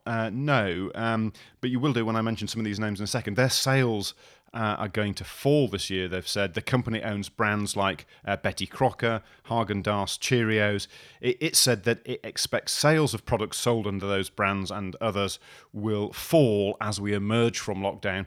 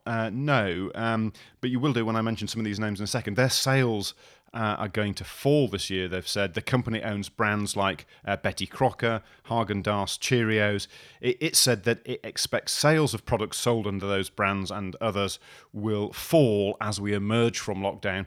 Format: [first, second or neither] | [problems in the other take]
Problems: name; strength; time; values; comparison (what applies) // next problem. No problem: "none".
neither | none